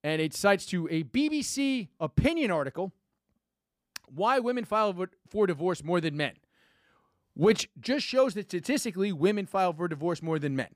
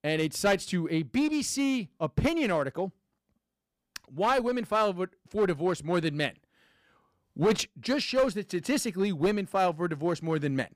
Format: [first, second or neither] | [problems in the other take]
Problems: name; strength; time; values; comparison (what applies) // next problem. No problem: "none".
first | distortion; slight; 5% of the sound clipped